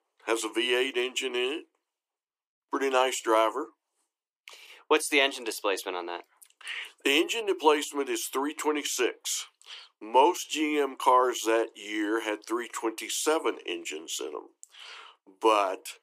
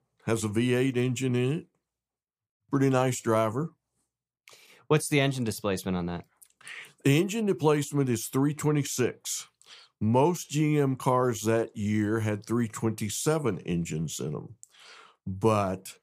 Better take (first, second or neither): second